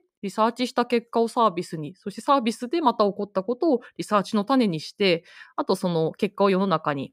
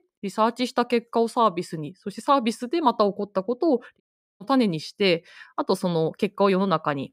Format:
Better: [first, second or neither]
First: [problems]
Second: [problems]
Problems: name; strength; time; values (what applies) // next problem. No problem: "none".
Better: first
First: none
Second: audio cutting out; at 4 s